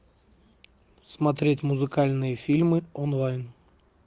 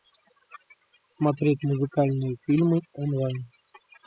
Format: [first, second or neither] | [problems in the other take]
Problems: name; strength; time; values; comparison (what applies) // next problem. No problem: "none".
first | noise reduction (classical method spectral subtraction)